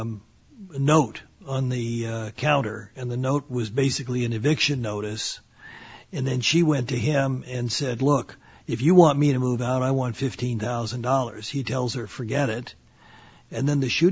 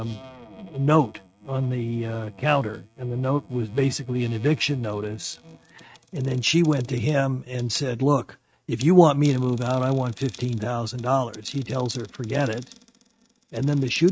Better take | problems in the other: first | noise reduction (neural mask model RNNoise)

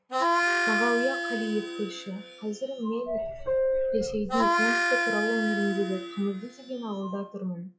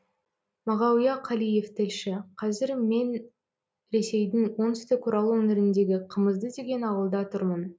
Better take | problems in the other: second | noise reduction (classical method log-MMSE)

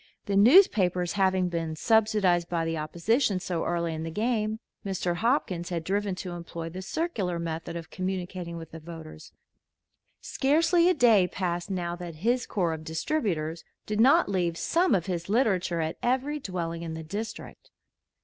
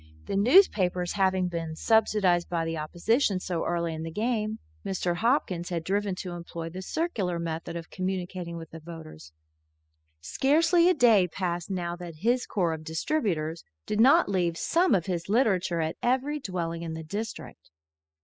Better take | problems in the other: first | noise reduction (classical method spectral subtraction)

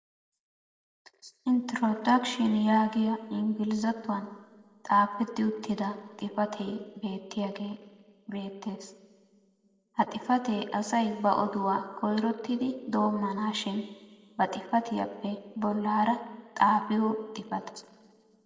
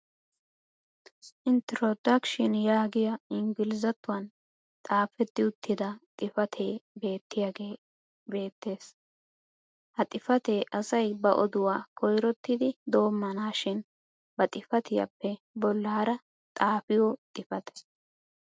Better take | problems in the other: second | room echo; dies away in 1.7 s

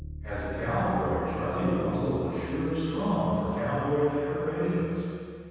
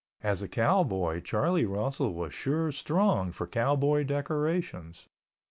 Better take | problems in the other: second | background sound (Bass guitar); 14 dB below the speech // room echo; dies away in 2.1 s

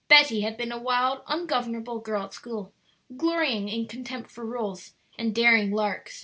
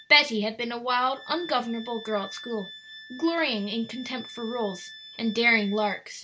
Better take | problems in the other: first | background sound (Wind instrument, woodwind instrument); 17 dB below the speech

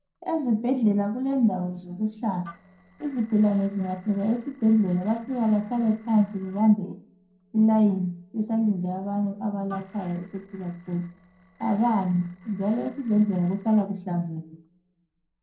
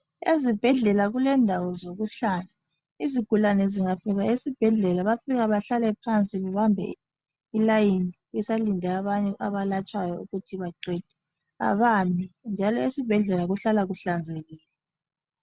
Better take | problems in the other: second | noise reduction (neural separator model SepFormer DNS4)

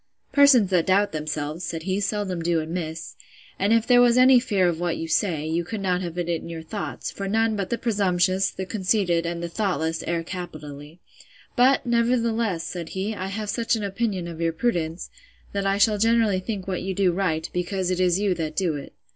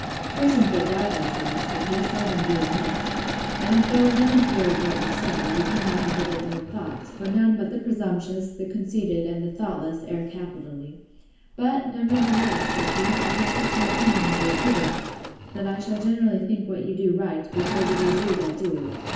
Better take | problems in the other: first | background sound (Engine / Mechanisms); 4 dB below the speech // room echo; dies away in 1 s

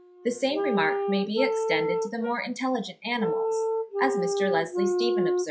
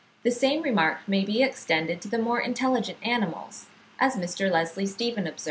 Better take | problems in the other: second | noise reduction (classical method log-MMSE)

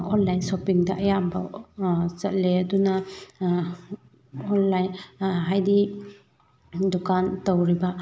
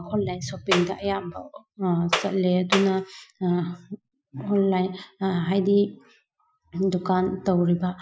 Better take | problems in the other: first | noise reduction (classical method Wiener filter)

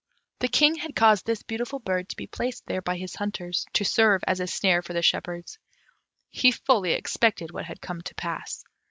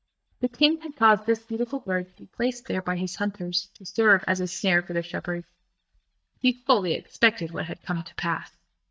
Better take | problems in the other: first | noise reduction (neural mask model DeepFilterNet 3)

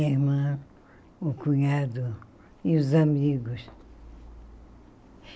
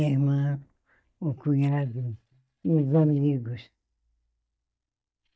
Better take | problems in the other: first | noise reduction (neural mask model DeepFilterNet 3)

